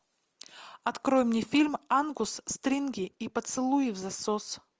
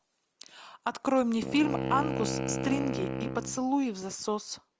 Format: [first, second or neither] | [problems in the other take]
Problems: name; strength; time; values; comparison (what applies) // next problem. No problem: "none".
first | background sound (Wind instrument, woodwind instrument); 4 dB below the speech